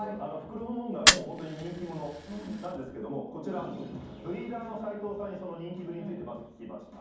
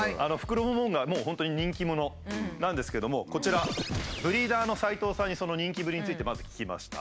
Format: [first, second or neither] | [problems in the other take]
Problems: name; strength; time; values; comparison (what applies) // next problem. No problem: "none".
second | background sound (Fire); 3 dB above the speech // room echo; dies away in 1.2 s